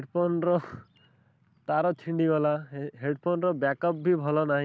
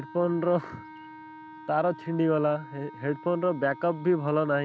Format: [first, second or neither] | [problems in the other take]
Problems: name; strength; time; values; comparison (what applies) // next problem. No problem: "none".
first | background sound (Wind instrument, woodwind instrument); 17 dB below the speech